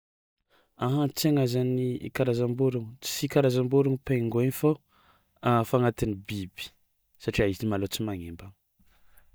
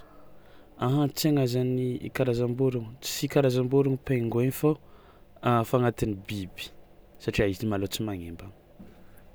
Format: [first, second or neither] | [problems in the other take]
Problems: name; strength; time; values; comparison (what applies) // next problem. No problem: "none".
second | noise reduction (neural mask model DeepFilterNet 3)